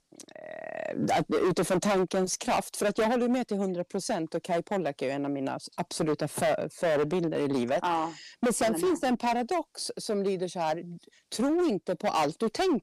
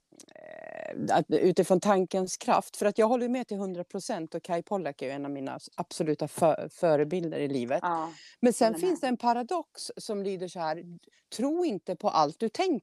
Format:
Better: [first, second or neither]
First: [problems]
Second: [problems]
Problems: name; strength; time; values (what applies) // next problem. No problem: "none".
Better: second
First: distortion; heavy; 12% of the sound clipped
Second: none